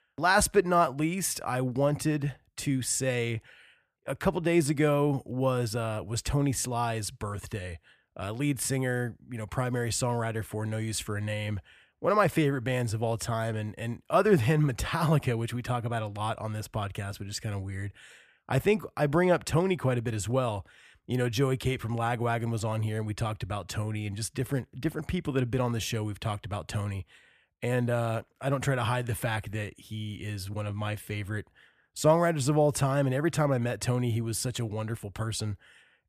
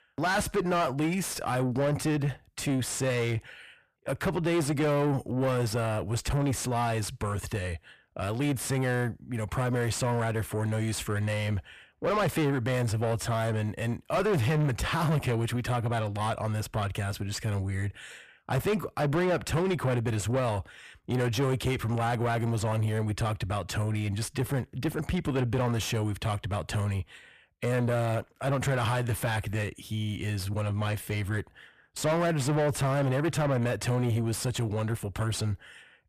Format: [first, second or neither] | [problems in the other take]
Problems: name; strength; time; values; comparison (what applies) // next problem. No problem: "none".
first | distortion; heavy; 7 dB below the speech